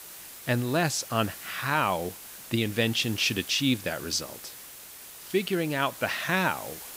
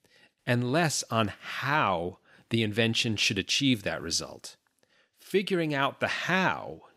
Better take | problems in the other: second | hiss; noticeable; throughout; 15 dB below the speech

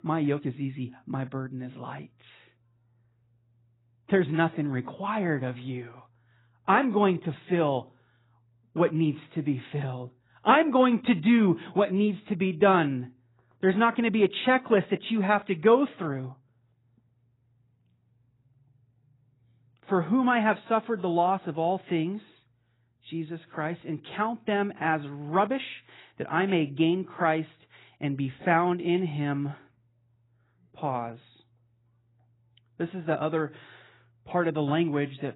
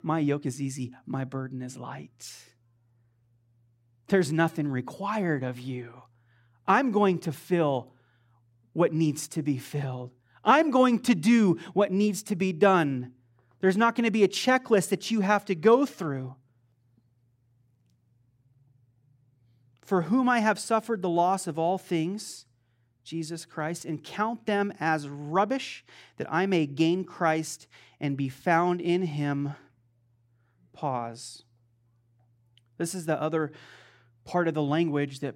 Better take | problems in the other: second | garbled, watery; badly; nothing above 4 kHz

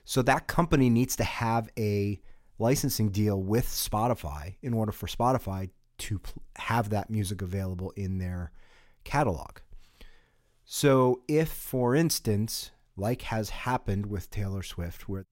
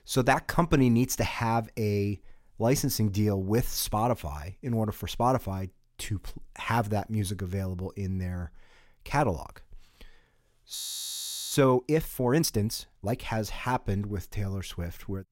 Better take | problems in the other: first | audio freezing; at 11 s for 1 s

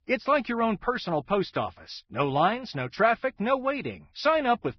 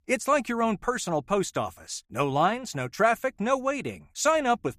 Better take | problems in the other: second | garbled, watery; badly; nothing above 5.5 kHz

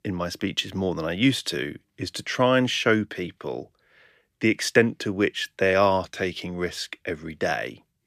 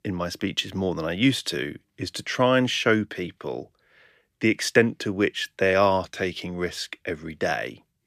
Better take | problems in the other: neither | none

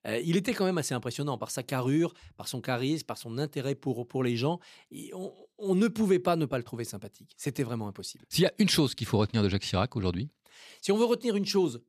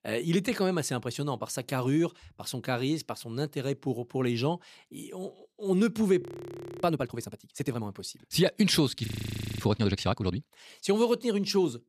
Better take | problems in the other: first | audio freezing; at 6 s for 0.5 s and at 9 s for 0.5 s

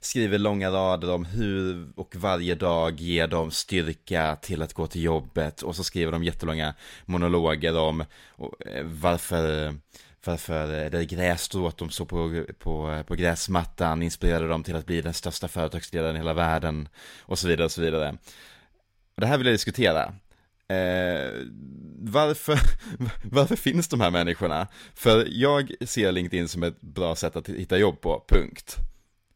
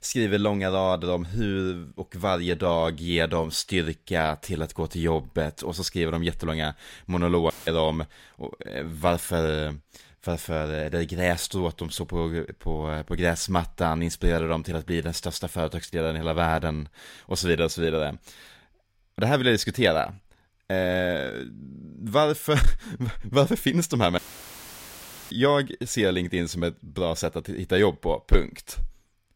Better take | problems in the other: first | audio cutting out; filled with static; at 7.5 s and at 24 s for 1 s

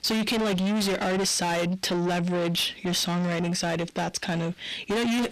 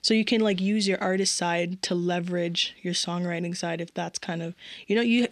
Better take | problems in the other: second | distortion; heavy; 5 dB below the speech

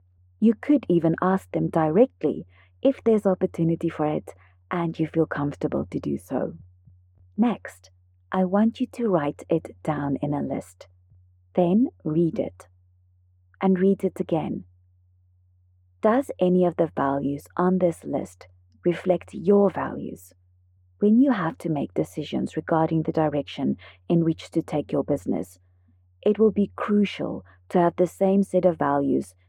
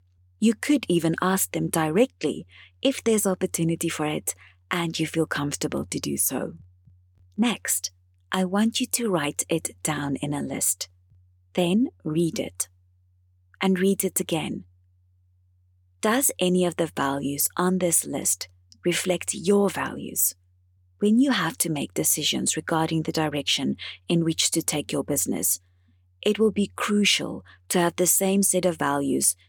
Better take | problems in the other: second | muffled; very; fading above 3 kHz

